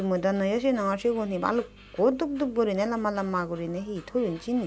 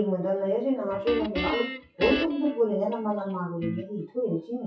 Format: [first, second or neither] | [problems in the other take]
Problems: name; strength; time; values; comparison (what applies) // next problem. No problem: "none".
first | noise reduction (classical method WPE with log-MMSE)